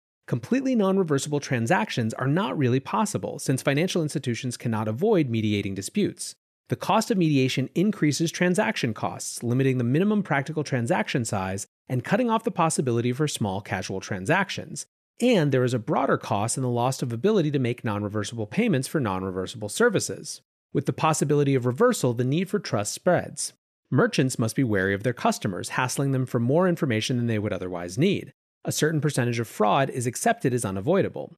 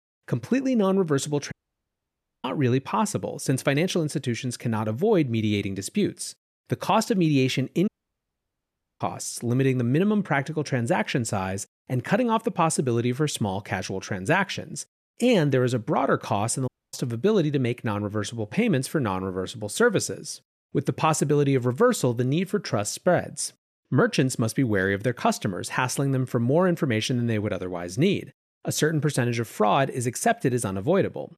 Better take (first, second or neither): first